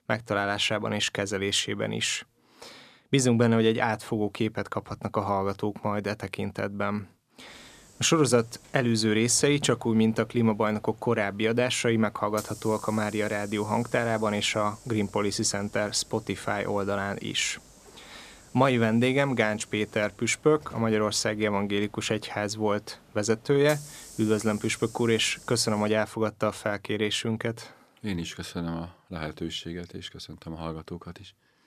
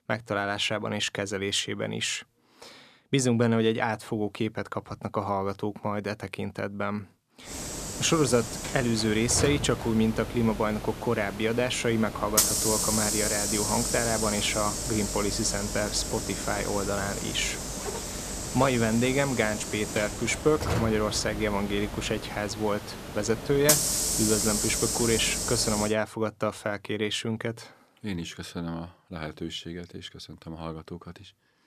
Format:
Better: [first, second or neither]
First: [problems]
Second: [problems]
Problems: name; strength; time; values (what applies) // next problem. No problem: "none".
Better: first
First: hiss; faint; from 7.5 to 26 s; 20 dB below the speech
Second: hiss; loud; from 7.5 to 26 s; 1 dB below the speech